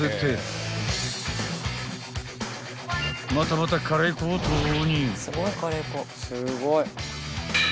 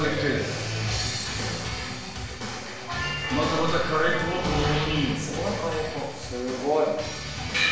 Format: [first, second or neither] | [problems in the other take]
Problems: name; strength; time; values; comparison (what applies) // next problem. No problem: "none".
first | background sound (Bell); 9 dB below the speech // room echo; dies away in 0.9 s